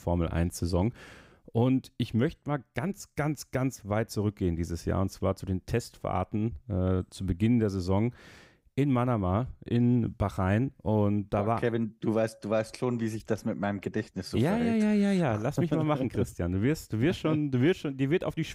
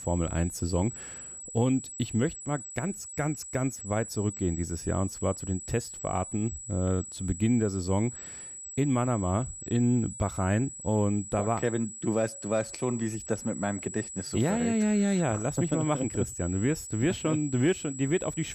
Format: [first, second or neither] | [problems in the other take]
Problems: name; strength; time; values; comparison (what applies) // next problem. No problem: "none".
first | high-pitched whine; loud; throughout; 8 kHz, 9 dB below the speech